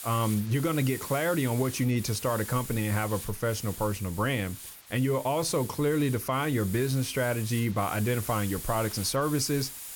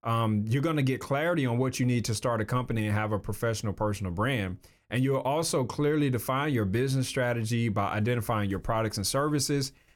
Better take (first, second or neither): second